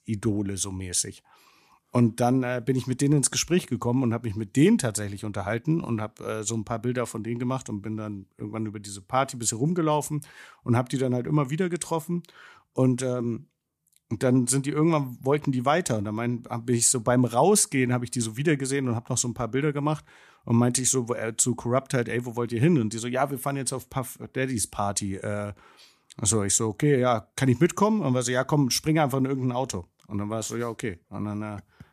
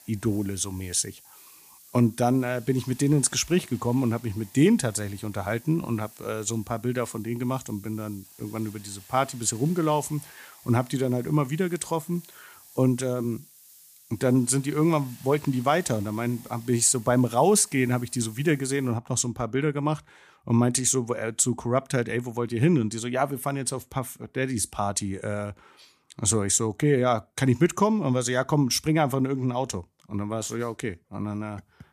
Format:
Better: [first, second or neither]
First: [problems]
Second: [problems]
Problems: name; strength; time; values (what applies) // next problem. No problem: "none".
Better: first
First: none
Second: hiss; faint; until 19 s; 20 dB below the speech